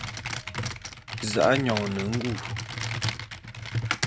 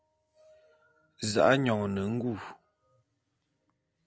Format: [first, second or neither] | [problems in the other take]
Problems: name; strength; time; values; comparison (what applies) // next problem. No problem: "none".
second | background sound (Computer keyboard); 2 dB below the speech